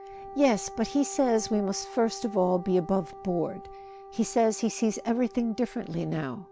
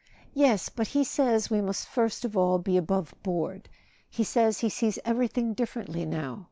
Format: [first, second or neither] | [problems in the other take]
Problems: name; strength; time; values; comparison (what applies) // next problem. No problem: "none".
second | background sound (Wind instrument, woodwind instrument); 16 dB below the speech